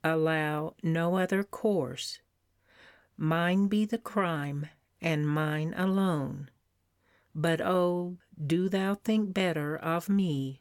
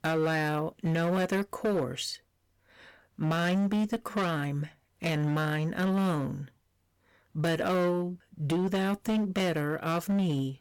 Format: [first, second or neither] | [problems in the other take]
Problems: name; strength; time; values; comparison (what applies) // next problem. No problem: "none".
first | distortion; slight; 16% of the sound clipped